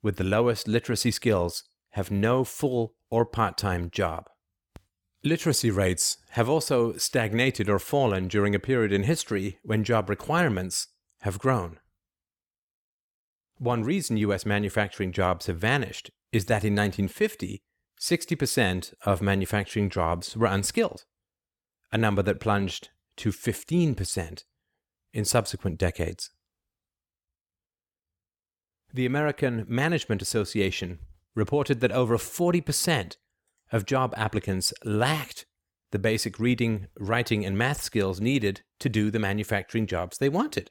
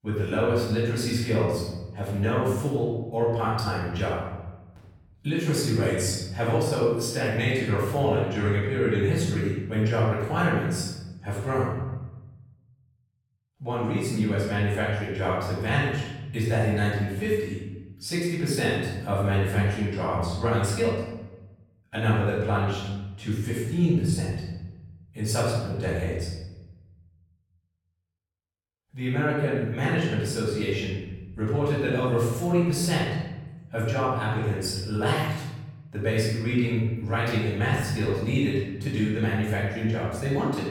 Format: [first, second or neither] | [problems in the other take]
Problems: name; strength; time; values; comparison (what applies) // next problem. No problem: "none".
first | off-mic speech; far // room echo; noticeable; dies away in 1.2 s